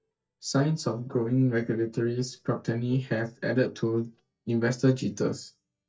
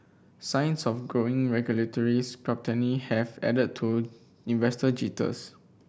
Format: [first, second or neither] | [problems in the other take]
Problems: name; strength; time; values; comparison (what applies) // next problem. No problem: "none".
second | noise reduction (neural mask model DeepFilterNet 3)